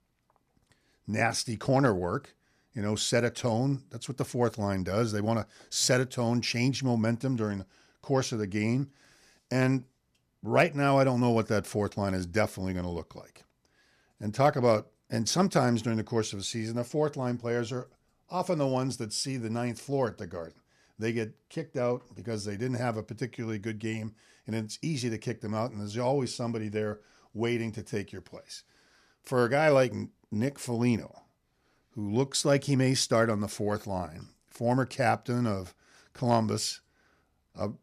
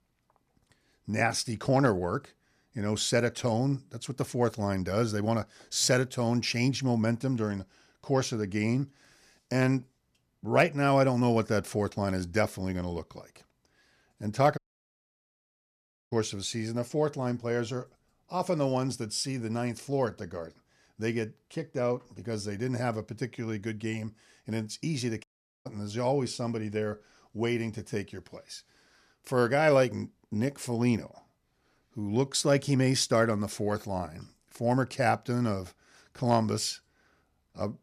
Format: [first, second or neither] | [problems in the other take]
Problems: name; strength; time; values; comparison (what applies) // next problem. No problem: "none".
first | audio cutting out; at 15 s for 1.5 s and at 25 s